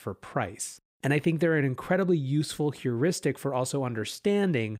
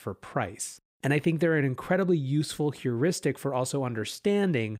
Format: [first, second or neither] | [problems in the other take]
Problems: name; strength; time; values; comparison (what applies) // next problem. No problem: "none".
neither | none